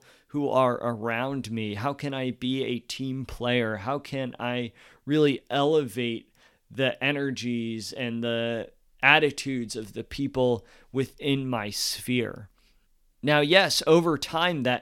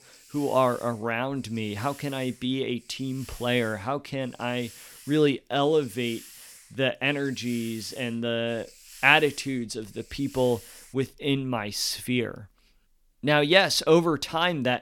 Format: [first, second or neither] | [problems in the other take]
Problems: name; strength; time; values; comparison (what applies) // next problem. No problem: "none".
first | hiss; faint; until 11 s; 20 dB below the speech